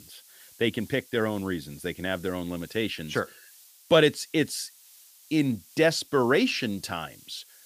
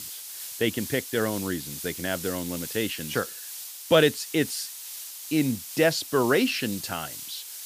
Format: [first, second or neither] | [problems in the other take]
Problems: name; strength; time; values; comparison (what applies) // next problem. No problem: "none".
first | hiss; loud; throughout; 9 dB below the speech; faint in the first